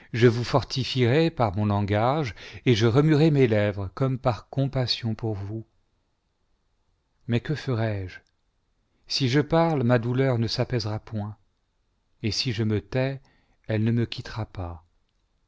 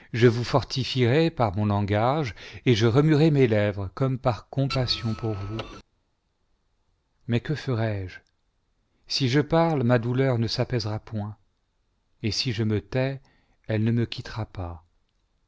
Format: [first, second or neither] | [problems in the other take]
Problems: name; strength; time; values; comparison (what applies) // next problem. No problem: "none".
first | background sound (Printer); 13 dB below the speech